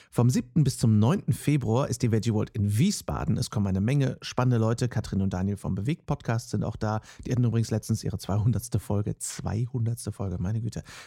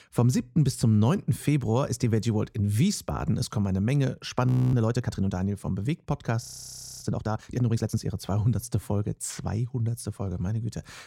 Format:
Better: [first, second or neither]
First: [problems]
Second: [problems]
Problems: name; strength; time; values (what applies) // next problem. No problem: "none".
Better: first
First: none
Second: audio freezing; at 4.5 s and at 6.5 s for 0.5 s